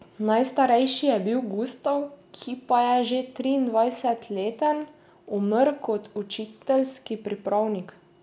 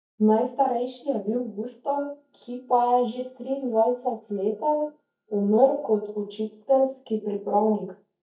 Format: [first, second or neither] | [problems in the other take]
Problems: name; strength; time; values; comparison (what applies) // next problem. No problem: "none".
first | noise reduction (neural mask model DeepFilterNet 3)